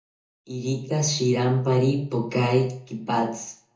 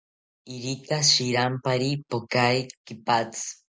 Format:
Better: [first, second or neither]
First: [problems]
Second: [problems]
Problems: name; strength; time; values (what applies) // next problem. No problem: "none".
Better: second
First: room echo; dies away in 0.5 s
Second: none